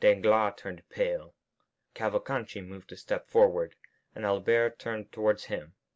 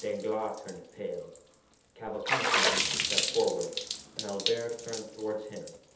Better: first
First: none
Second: background sound (Water / Splash, splatter); 1 dB above the speech // room echo; dies away in 0.8 s

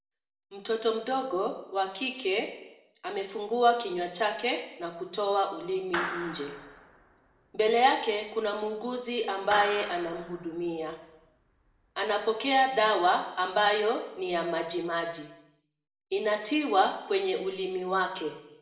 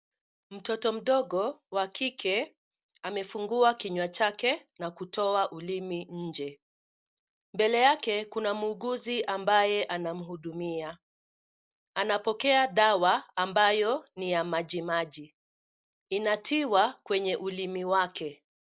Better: second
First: background sound (Clapping); 12 dB below the speech // room echo; dies away in 0.7 s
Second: none

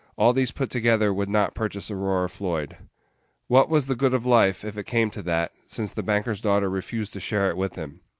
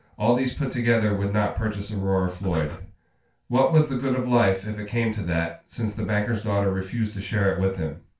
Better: first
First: none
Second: background sound (Breathing); 13 dB below the speech // room echo; dies away in 0.3 s

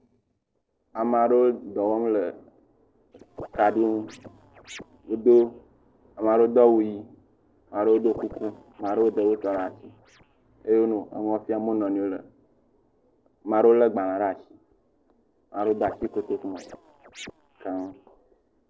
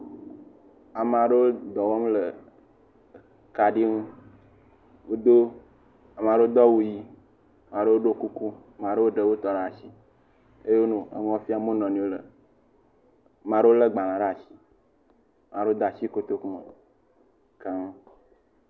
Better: second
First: noise reduction (neural separator model SepFormer DNS4)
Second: none

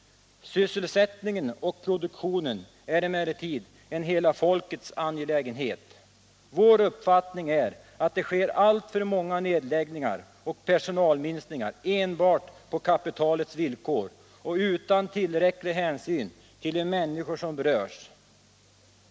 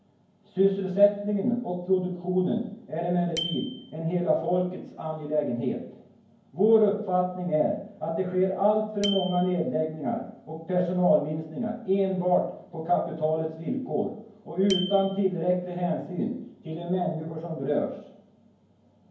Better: first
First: none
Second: background sound (Bicycle bell); 18 dB below the speech // room echo; dies away in 0.9 s

